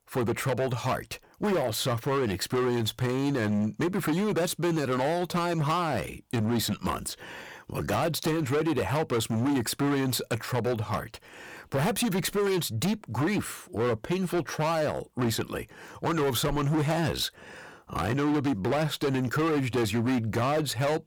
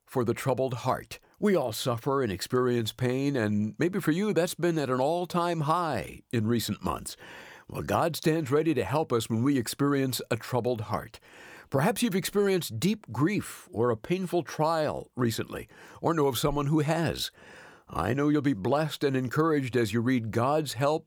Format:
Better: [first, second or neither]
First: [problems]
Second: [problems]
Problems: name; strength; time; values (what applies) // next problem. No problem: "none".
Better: second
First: distortion; heavy; 19% of the sound clipped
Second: none